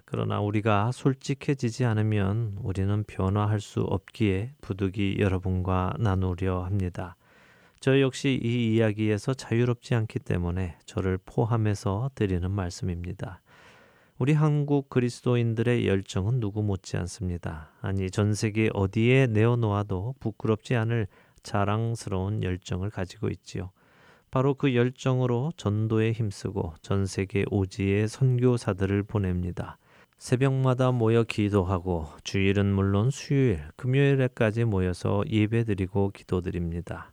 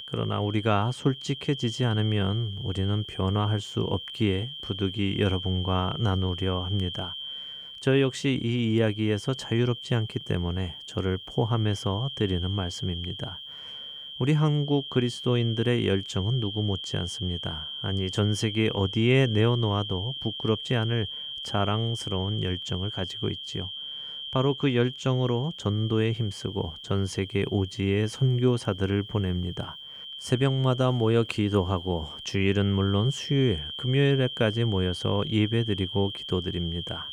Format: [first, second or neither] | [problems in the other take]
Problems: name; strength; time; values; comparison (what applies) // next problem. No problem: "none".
first | high-pitched whine; loud; throughout; 3 kHz, 8 dB below the speech